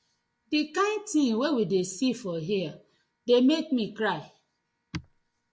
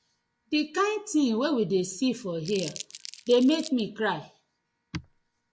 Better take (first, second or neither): first